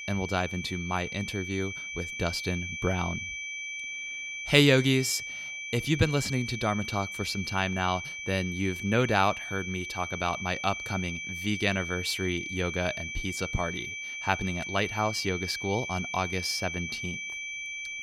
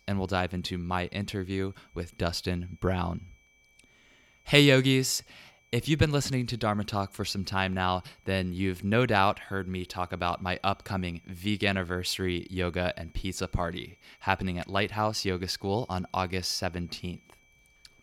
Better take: second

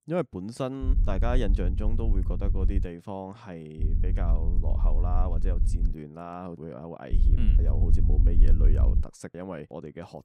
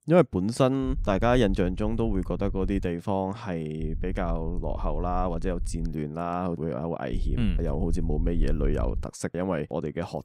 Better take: second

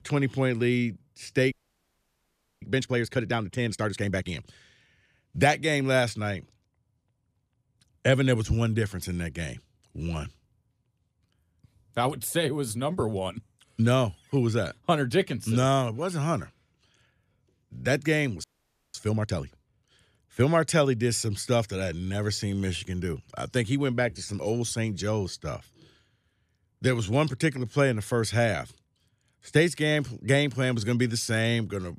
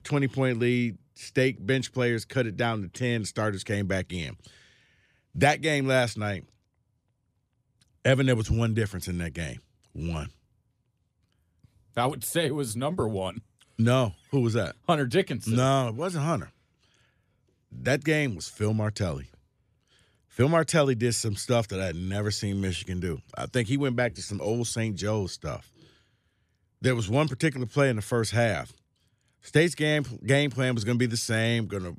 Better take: second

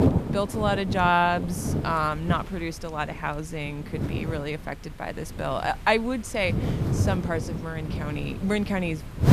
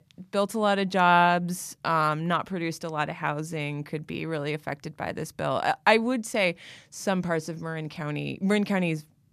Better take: second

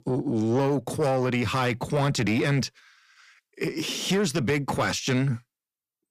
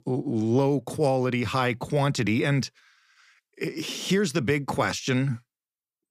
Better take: second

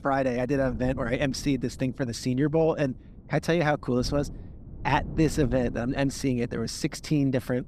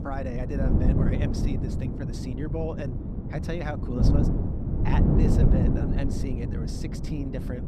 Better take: first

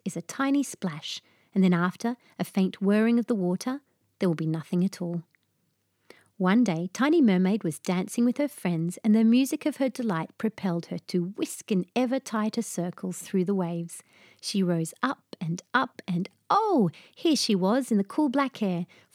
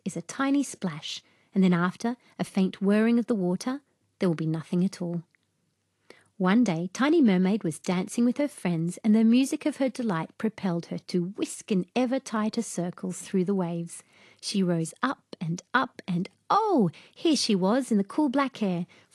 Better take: first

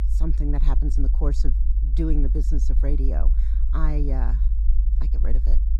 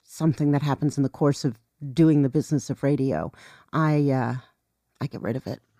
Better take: second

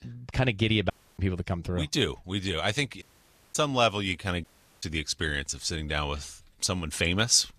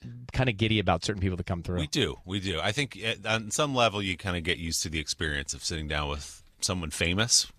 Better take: second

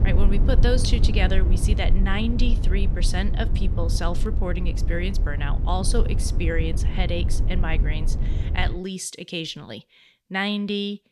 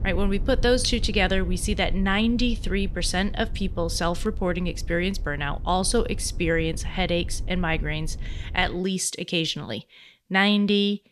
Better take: second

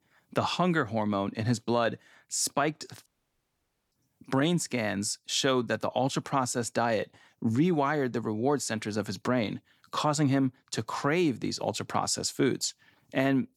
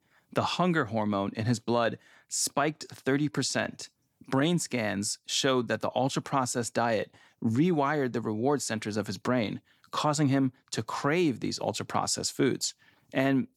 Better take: second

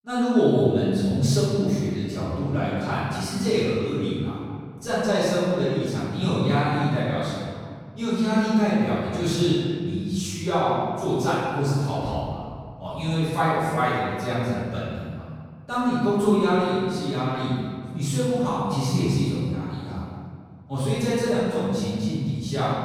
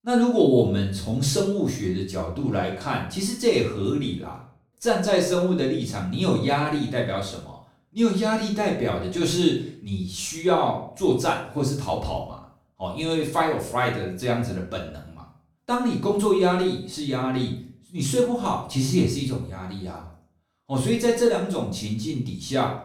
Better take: second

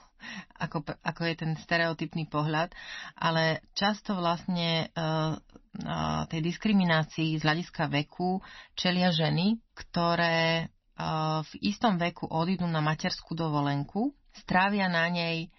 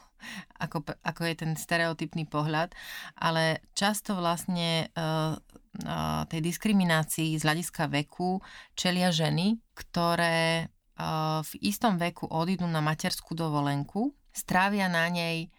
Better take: second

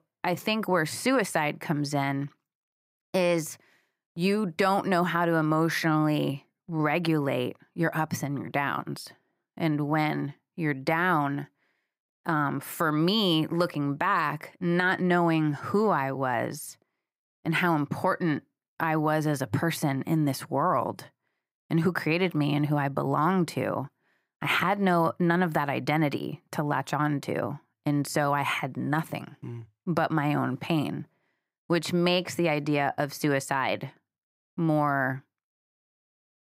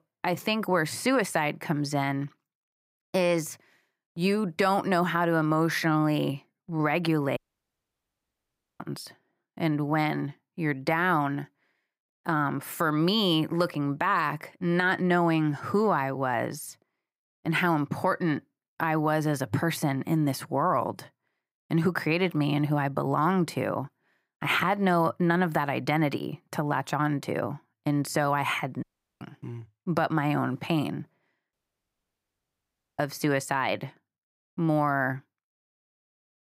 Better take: first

